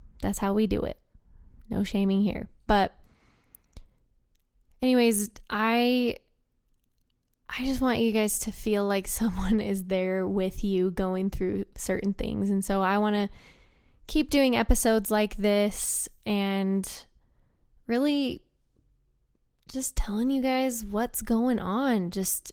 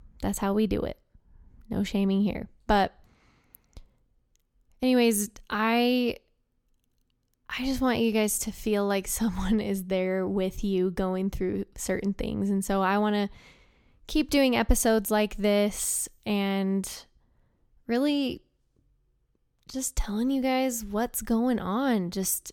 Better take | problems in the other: second | garbled, watery; slightly; nothing above 19 kHz

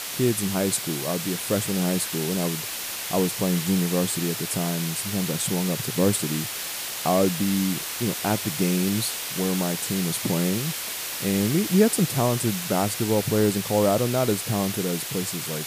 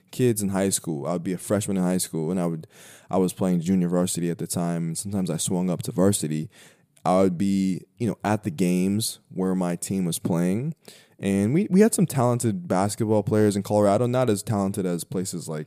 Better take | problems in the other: second | hiss; loud; throughout; 4 dB below the speech

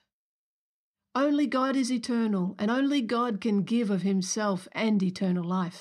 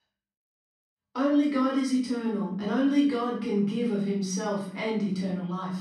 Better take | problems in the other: first | off-mic speech; far // room echo; noticeable; dies away in 0.5 s

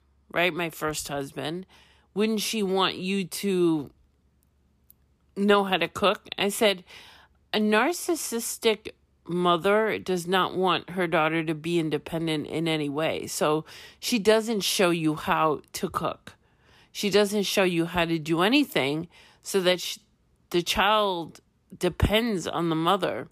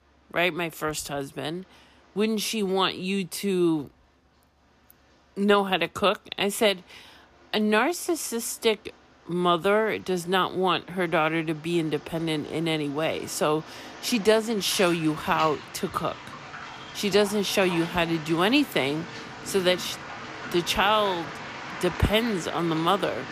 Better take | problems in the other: first | rain or running water; noticeable; throughout; 15 dB below the speech

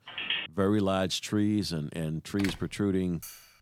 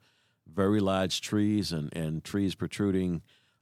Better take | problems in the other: second | phone ringing; noticeable; at the start; peak 1 dB below the speech // door banging; noticeable; at 2.5 s; peak 9 dB below the speech // clattering dishes; faint; at 3 s; peak 15 dB below the speech

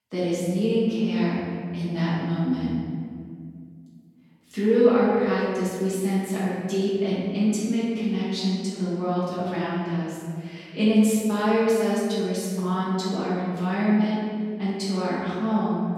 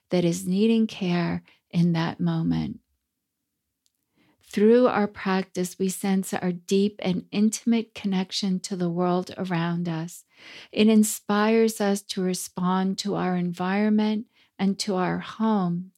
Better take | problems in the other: second | off-mic speech; far // room echo; strong; dies away in 2 s

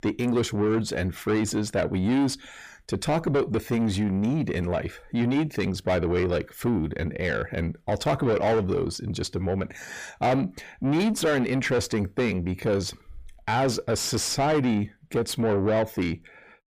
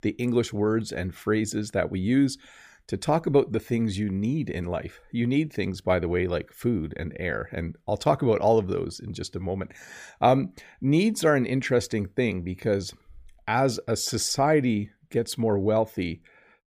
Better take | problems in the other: second | distortion; heavy; 7 dB below the speech

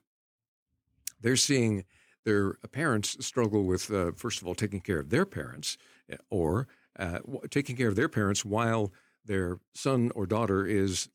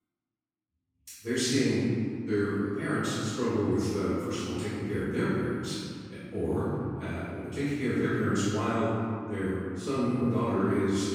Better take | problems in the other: first | off-mic speech; far // room echo; strong; dies away in 2.5 s

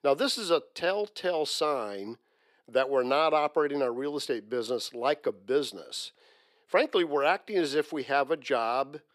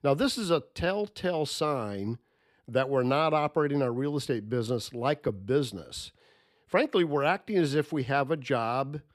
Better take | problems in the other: second | thin; somewhat; fading below 400 Hz

